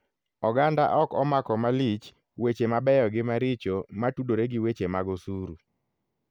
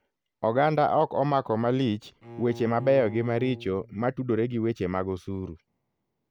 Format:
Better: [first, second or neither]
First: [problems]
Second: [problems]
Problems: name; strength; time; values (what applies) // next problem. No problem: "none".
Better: first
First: none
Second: background sound (Bowed string instrument); 17 dB below the speech